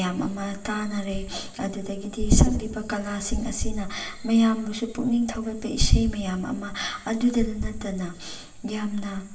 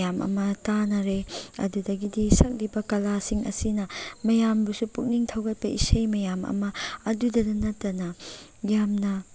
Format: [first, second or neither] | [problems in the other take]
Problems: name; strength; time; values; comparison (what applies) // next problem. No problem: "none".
second | room echo; dies away in 0.8 s